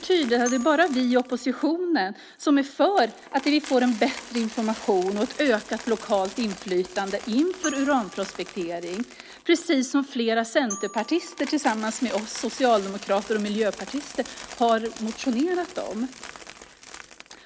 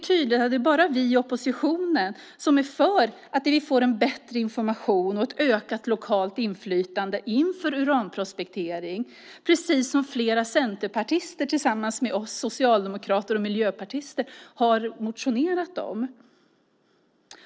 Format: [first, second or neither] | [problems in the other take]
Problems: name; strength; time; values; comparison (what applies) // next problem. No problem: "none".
second | background sound (Coin (dropping) + Glockenspiel); 16 dB below the speech